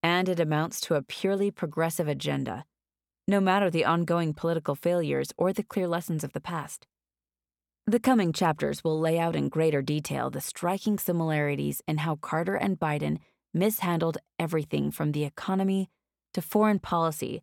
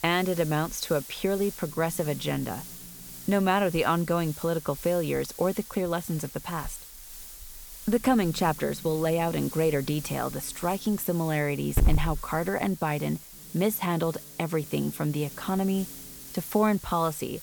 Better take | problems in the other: first | hiss; noticeable; throughout; 10 dB below the speech

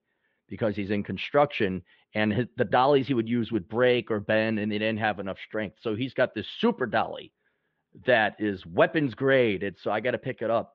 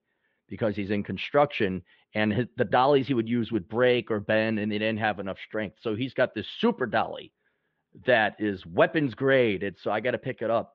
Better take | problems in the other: neither | muffled; very; fading above 3.5 kHz; the same in both

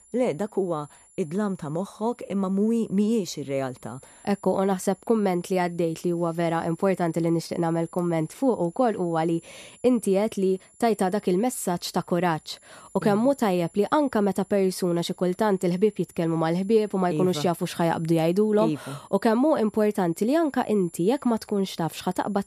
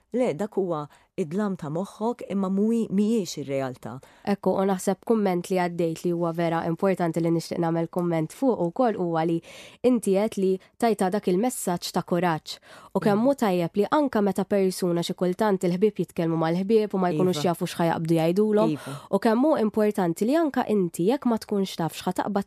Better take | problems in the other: second | high-pitched whine; faint; throughout; 10.5 kHz, 30 dB below the speech

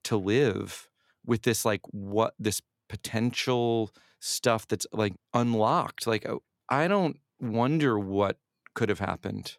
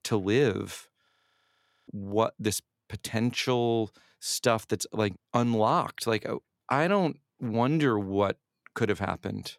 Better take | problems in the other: first | audio freezing; at 1 s for 1 s

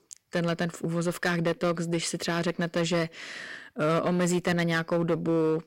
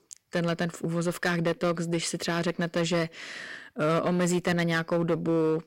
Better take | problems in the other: neither | distortion; slight; 7% of the sound clipped; the same in both

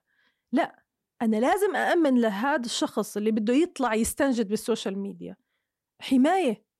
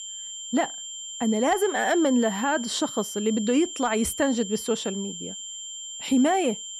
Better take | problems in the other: first | high-pitched whine; loud; throughout; 7.5 kHz, 9 dB below the speech

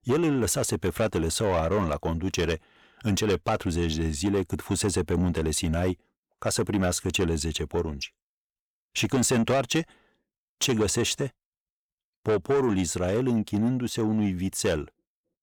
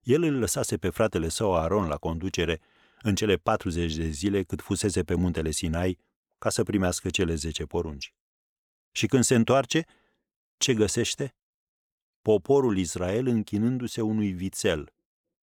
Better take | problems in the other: second | distortion; slight; 10 dB below the speech

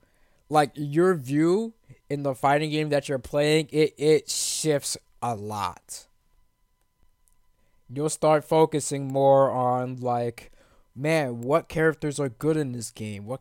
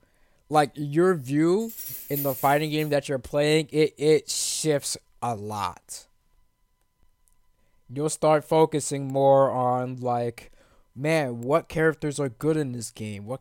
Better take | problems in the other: first | jangling keys; noticeable; from 1.5 to 3 s; peak 6 dB below the speech

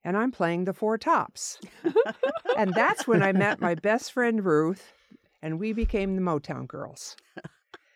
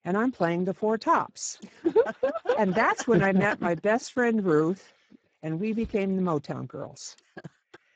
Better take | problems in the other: first | garbled, watery; badly; nothing above 7.5 kHz

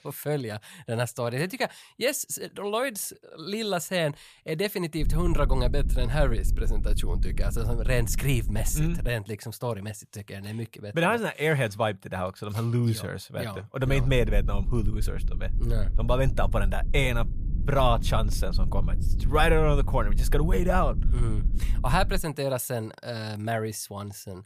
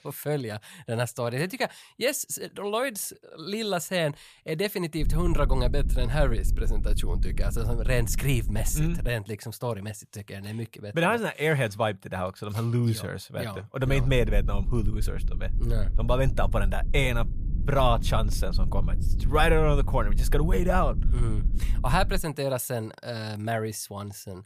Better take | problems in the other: neither | low rumble; noticeable; from 5 to 9 s and from 14 to 22 s; 20 dB below the speech; the same in both

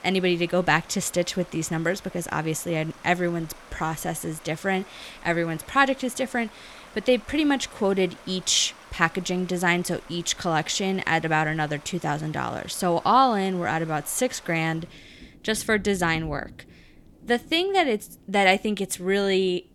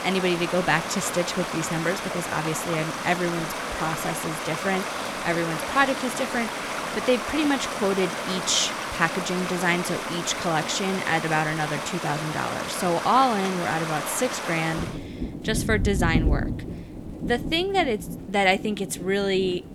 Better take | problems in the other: first | rain or running water; loud; throughout; 4 dB below the speech; faint in the first

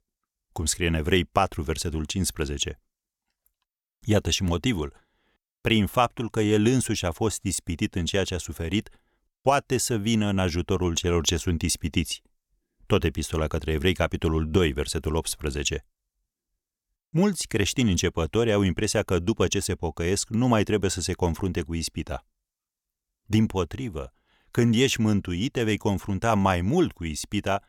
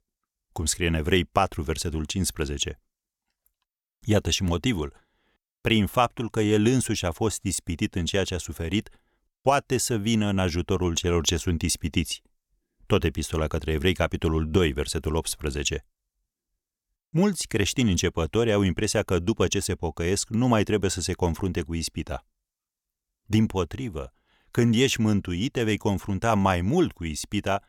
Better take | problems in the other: neither | none

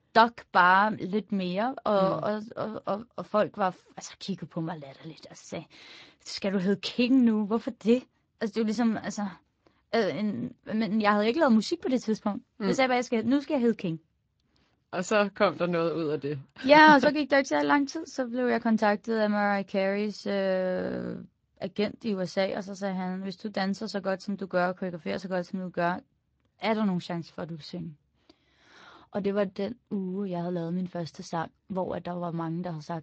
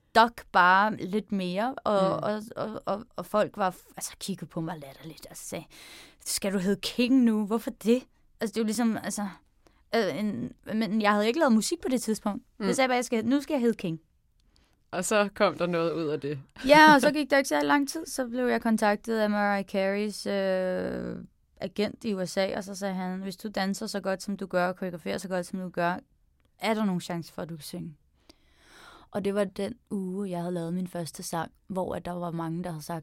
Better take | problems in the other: second | garbled, watery; slightly; nothing above 7.5 kHz

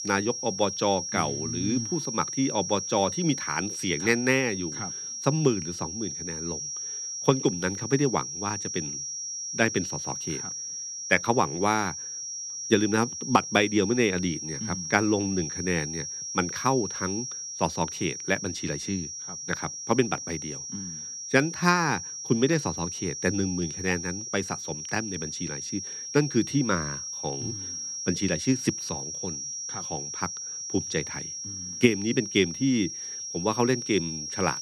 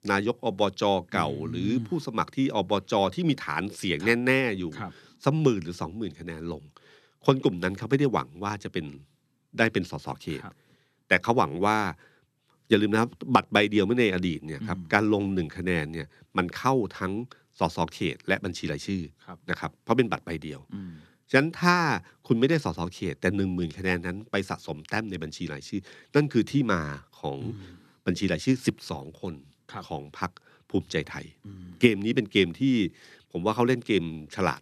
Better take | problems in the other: second | high-pitched whine; loud; throughout; 5.5 kHz, 5 dB below the speech

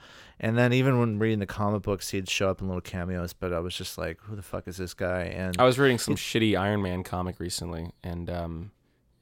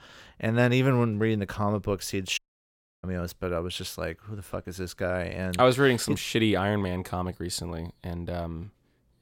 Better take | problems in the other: first | audio cutting out; at 2.5 s for 0.5 s

